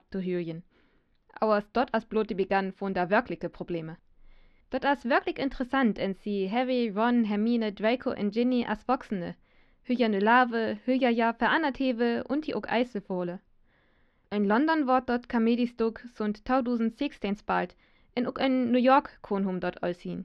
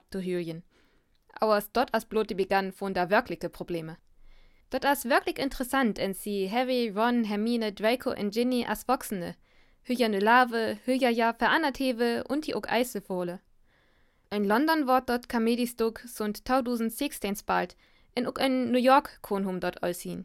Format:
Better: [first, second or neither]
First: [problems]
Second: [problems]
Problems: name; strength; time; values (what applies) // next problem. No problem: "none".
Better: second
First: muffled; very slightly; fading above 3.5 kHz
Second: none